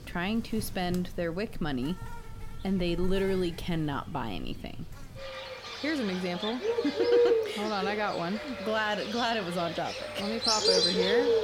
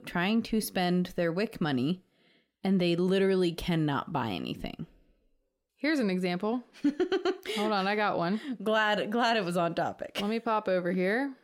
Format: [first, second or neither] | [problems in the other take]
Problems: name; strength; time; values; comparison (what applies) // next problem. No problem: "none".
second | animal sounds; very loud; throughout; 2 dB above the speech